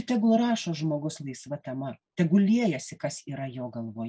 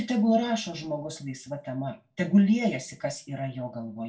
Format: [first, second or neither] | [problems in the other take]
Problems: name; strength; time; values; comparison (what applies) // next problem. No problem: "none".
first | room echo; dies away in 0.2 s